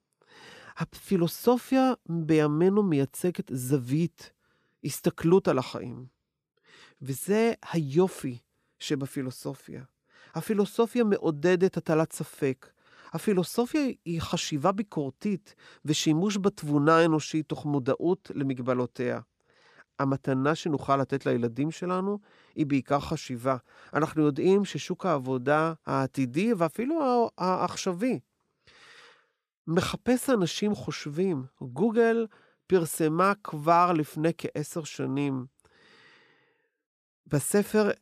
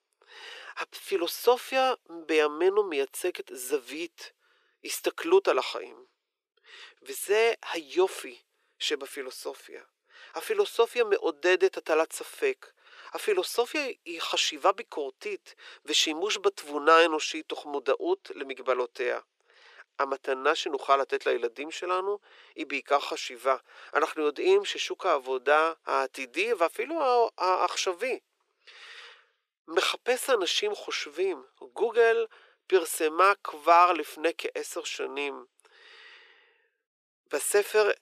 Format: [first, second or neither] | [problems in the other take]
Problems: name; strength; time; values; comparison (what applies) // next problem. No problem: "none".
first | thin; very; fading below 400 Hz